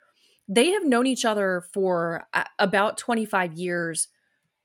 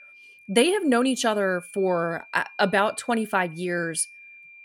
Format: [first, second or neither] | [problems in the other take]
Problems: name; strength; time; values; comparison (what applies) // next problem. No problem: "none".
first | high-pitched whine; faint; throughout; 2.5 kHz, 20 dB below the speech